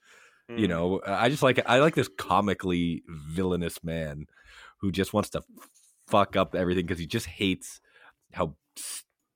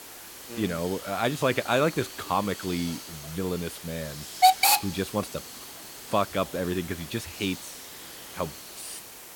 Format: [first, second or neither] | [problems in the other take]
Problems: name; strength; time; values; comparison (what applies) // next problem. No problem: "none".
first | hiss; loud; throughout; 1 dB below the speech